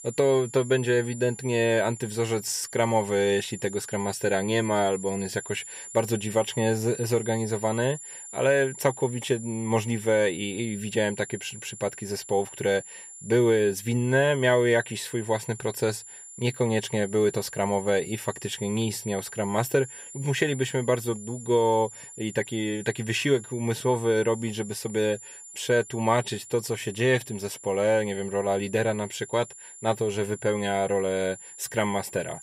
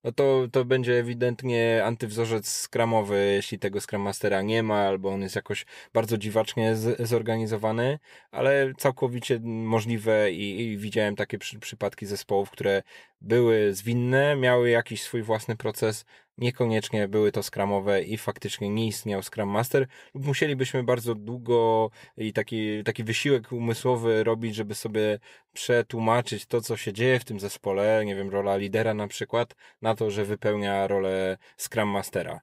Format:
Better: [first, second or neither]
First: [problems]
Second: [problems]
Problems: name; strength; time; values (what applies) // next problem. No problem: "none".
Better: second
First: high-pitched whine; noticeable; throughout; 7 kHz, 15 dB below the speech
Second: none